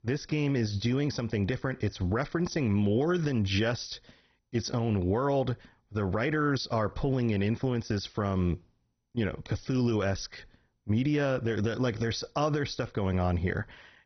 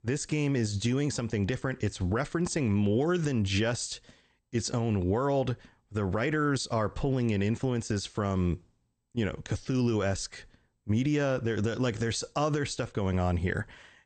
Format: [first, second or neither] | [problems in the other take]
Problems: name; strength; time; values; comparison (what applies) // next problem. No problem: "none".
second | garbled, watery; badly; nothing above 6 kHz; slightly in the second